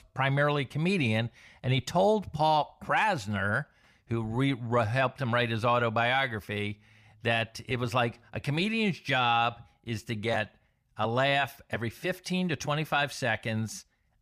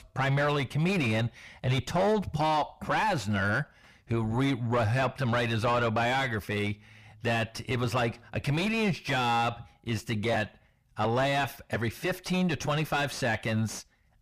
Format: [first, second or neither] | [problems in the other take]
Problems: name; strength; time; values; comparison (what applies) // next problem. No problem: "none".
first | distortion; heavy; 7 dB below the speech